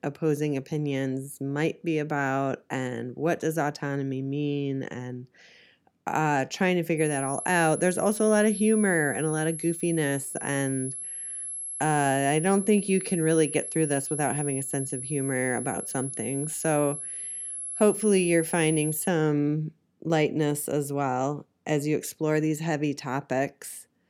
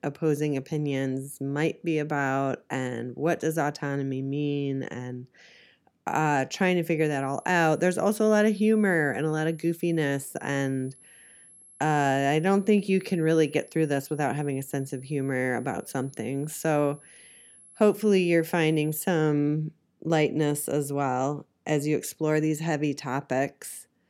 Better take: second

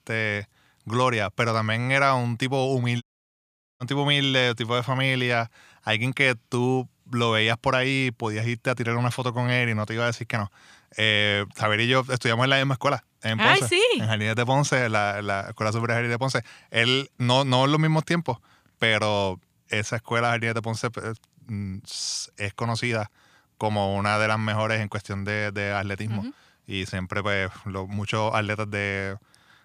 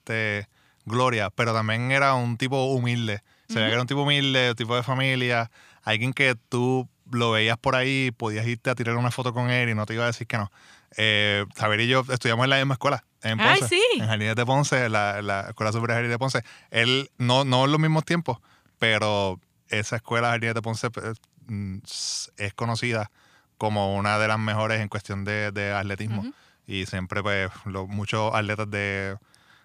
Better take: second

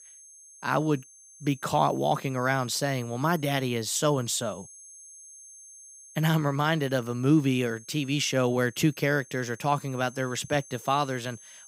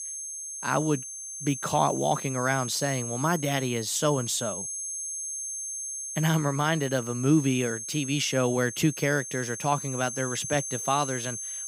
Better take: first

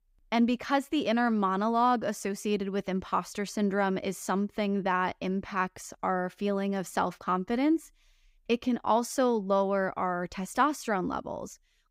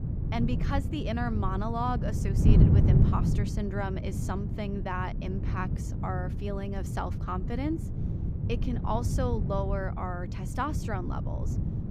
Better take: first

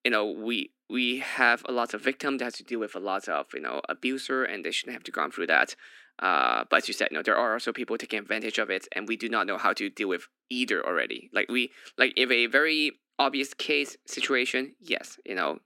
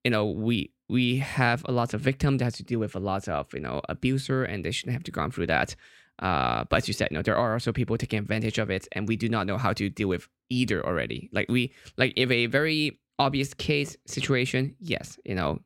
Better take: second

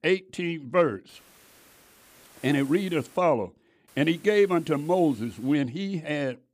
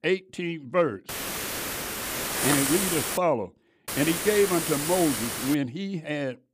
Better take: first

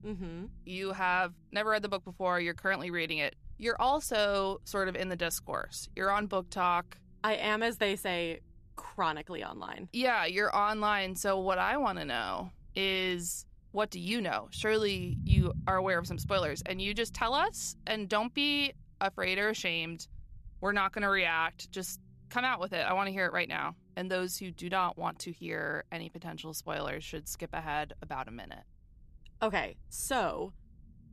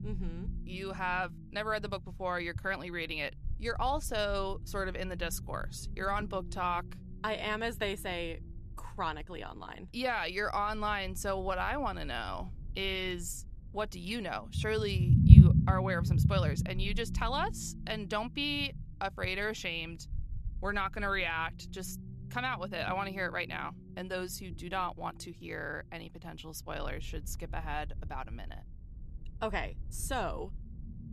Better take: first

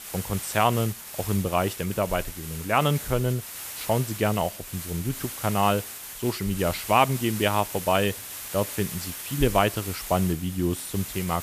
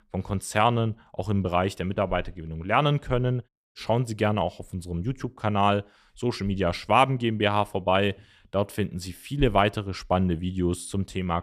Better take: second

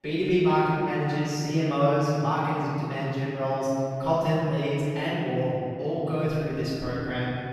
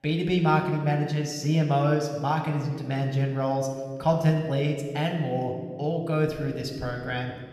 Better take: second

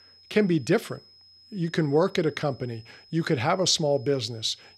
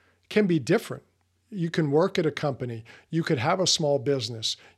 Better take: second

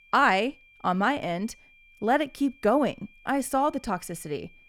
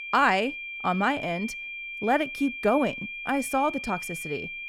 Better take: first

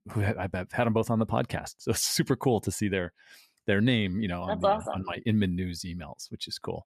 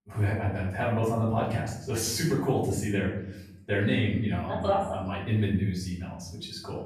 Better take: first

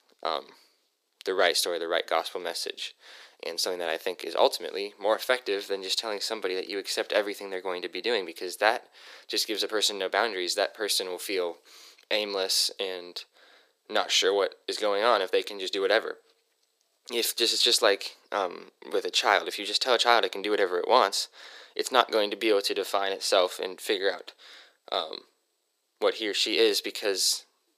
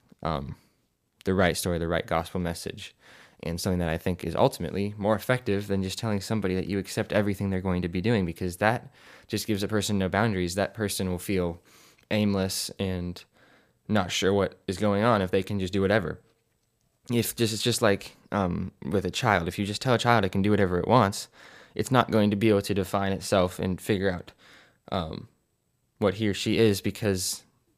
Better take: second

